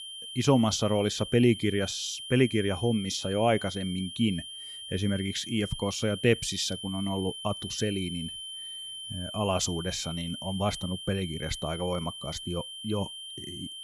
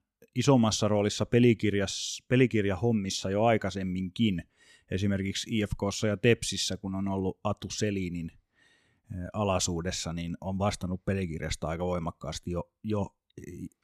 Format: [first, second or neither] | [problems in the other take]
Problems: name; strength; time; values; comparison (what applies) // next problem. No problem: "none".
second | high-pitched whine; loud; throughout; 3 kHz, 9 dB below the speech